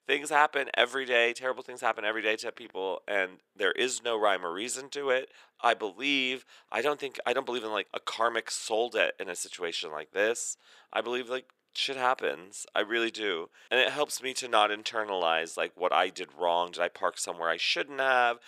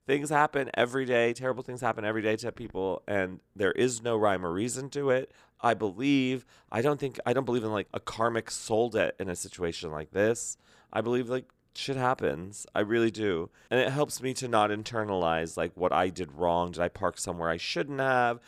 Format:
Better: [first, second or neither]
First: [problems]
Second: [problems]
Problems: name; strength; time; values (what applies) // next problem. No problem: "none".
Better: second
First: thin; somewhat; fading below 450 Hz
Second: none